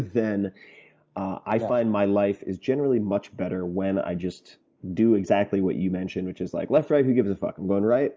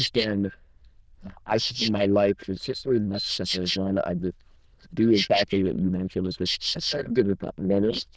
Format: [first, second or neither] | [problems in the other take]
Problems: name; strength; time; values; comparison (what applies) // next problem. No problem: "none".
first | noise reduction (neural diffusion model UNIVERSE++)